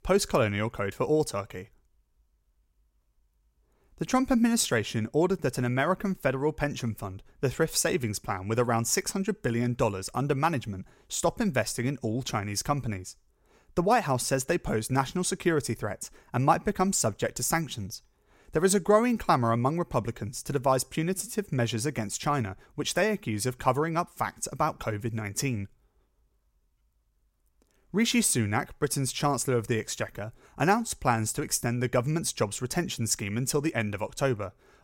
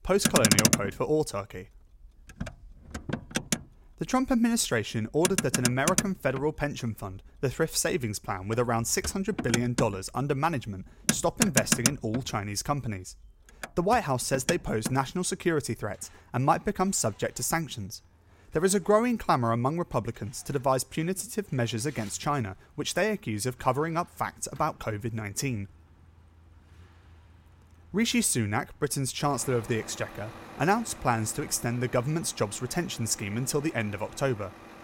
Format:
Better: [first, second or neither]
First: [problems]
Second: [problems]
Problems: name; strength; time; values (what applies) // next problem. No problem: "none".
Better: first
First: none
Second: traffic noise; loud; throughout; 1 dB below the speech